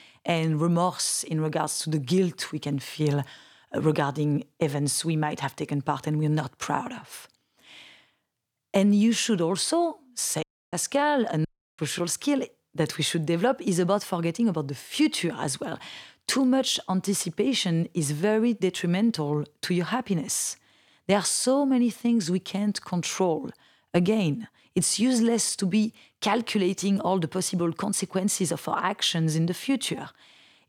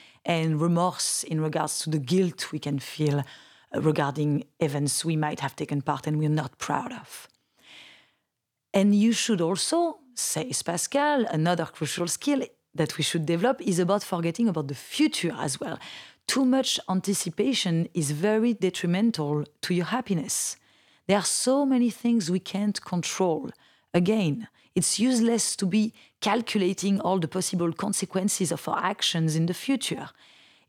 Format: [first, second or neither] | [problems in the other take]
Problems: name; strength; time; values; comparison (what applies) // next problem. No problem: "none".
second | audio cutting out; at 10 s and at 11 s